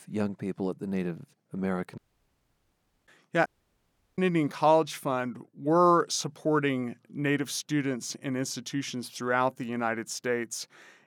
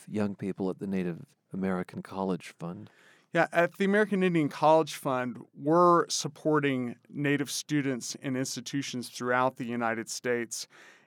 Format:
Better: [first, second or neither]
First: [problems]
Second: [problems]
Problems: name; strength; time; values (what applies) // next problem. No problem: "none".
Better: second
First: audio cutting out; at 2 s for 1 s and at 3.5 s for 0.5 s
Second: none